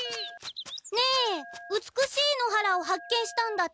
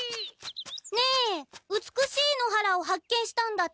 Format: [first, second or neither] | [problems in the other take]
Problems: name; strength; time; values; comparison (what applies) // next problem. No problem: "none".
second | background sound (Telephone); 18 dB below the speech